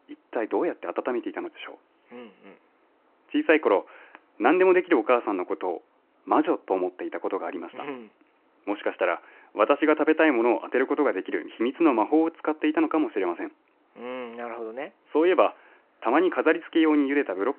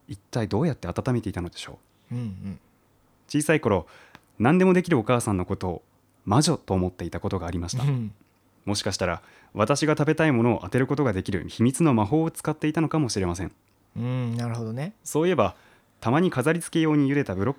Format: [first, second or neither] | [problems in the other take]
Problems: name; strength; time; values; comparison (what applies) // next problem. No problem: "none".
second | phone-call audio